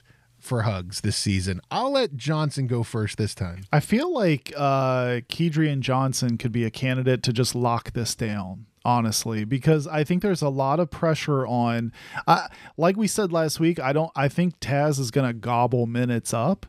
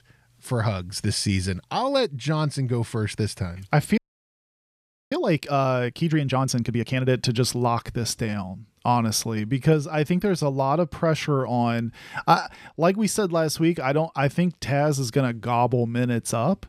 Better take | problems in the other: first | audio freezing; at 4 s for 1 s

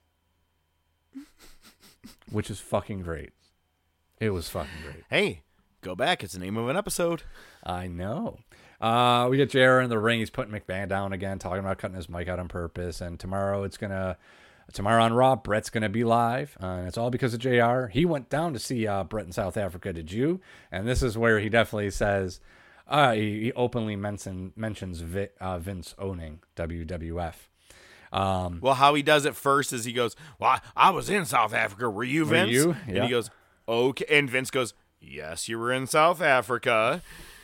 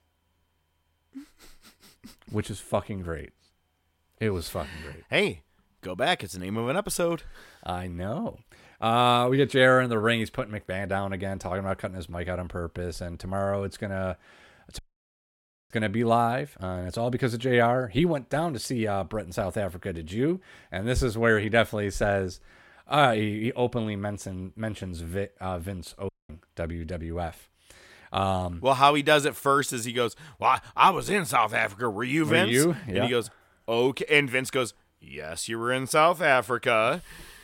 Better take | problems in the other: first | audio cutting out; at 15 s for 1 s and at 26 s

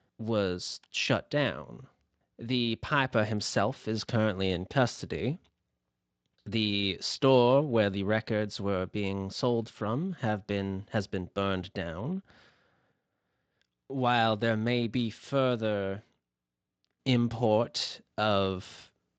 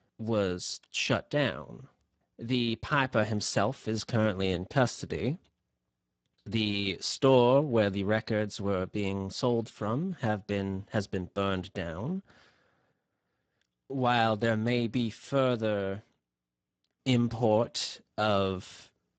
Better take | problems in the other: first | garbled, watery; badly; nothing above 8 kHz; slightly in the first

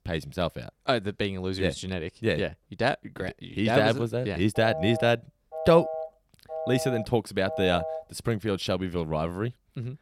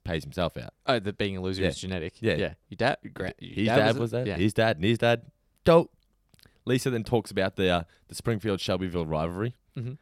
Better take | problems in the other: second | phone ringing; noticeable; from 4.5 to 8 s; peak 5 dB below the speech

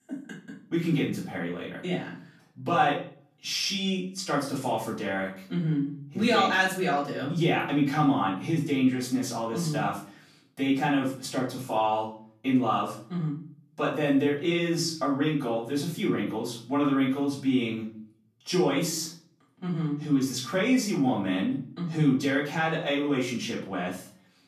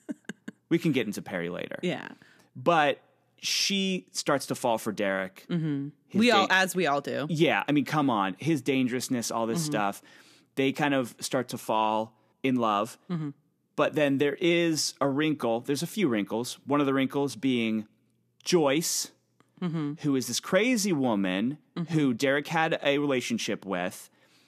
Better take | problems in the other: second | off-mic speech; far // room echo; noticeable; dies away in 0.4 s

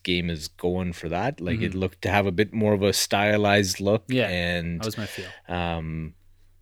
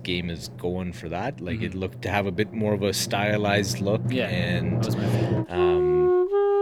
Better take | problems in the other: first | background music; very loud; throughout; 2 dB above the speech

